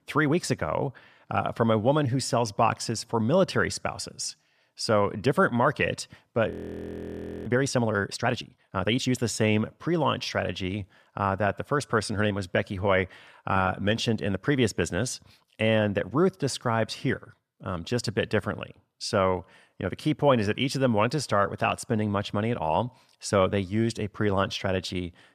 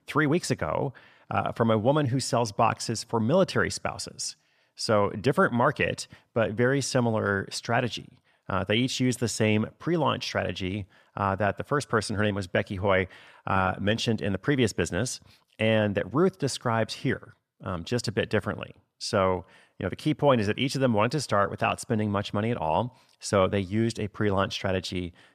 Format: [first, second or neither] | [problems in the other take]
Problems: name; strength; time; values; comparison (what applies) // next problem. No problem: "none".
second | audio freezing; at 6.5 s for 1 s